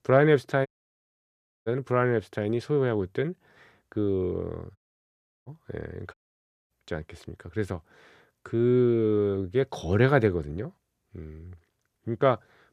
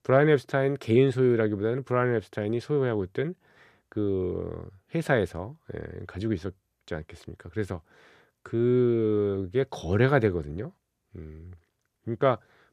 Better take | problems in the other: second | audio cutting out; at 0.5 s for 1 s, at 5 s for 0.5 s and at 6 s for 0.5 s

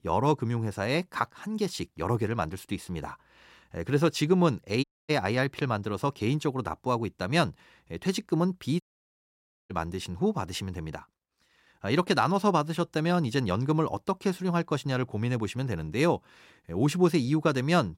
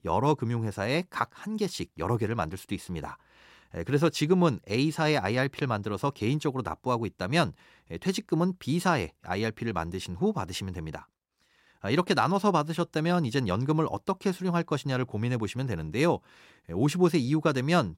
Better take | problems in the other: second | audio cutting out; at 5 s and at 9 s for 1 s

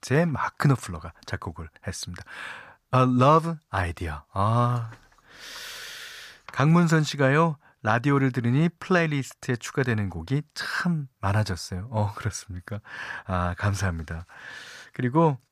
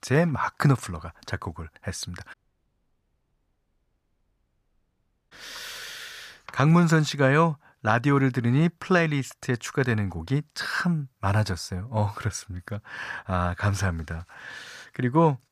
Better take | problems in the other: first | audio cutting out; at 2.5 s for 3 s

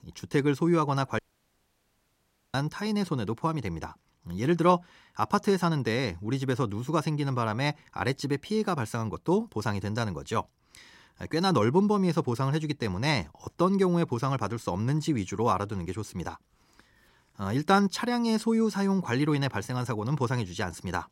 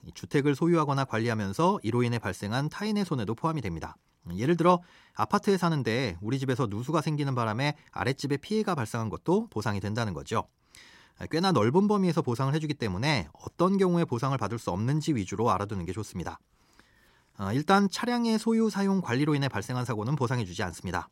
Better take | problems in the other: second | audio cutting out; at 1 s for 1.5 s

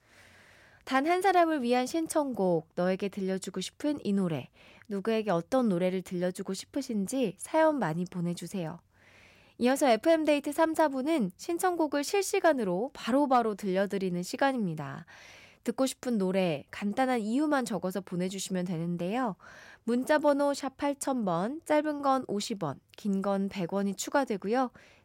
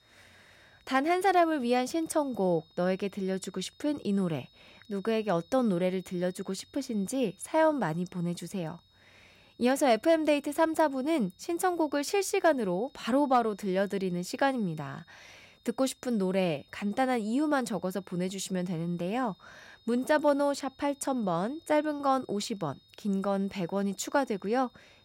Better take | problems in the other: first | high-pitched whine; faint; throughout; 3.5 kHz, 30 dB below the speech

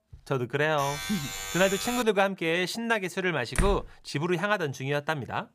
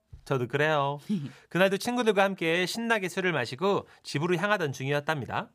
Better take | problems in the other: second | alarm; noticeable; from 1 to 2 s; peak 4 dB below the speech // door banging; noticeable; at 3.5 s; peak 3 dB below the speech

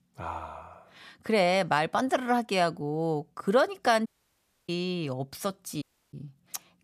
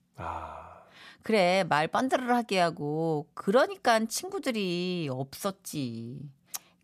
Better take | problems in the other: second | audio cutting out; at 4 s for 0.5 s and at 6 s

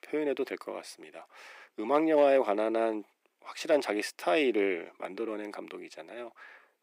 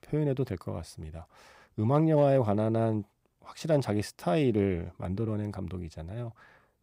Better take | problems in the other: second | thin; somewhat; fading below 300 Hz

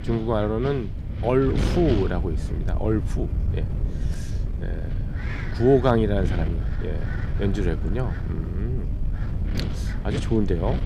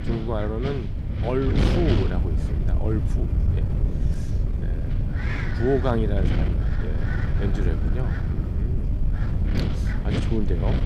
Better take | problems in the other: first | wind noise on the microphone; heavy; 3 dB below the speech; occasional gusts in the first

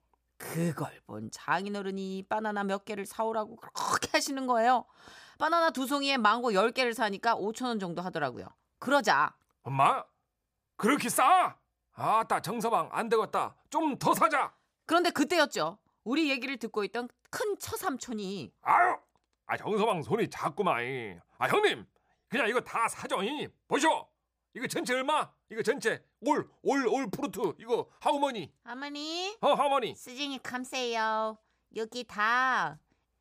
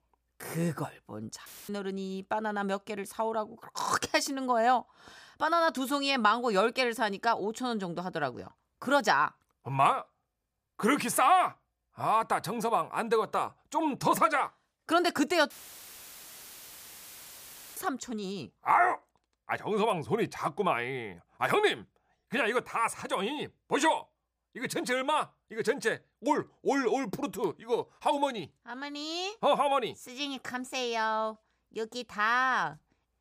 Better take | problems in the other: first | audio cutting out; filled with static; at 1.5 s and at 16 s for 2.5 s

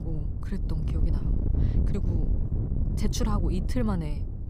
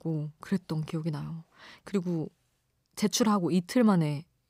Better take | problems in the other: second | wind noise on the microphone; heavy; 4 dB below the speech

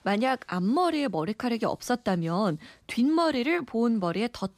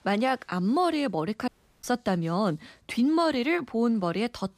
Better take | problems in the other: first | audio cutting out; at 1.5 s

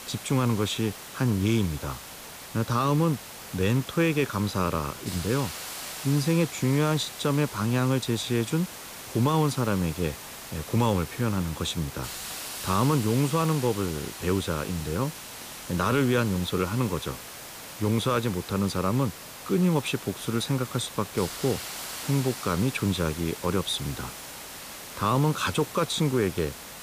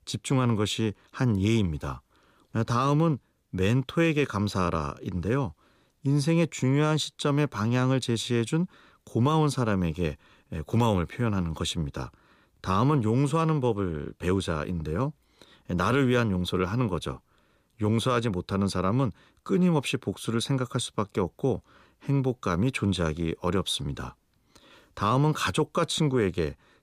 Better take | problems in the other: second | hiss; noticeable; throughout; 10 dB below the speech

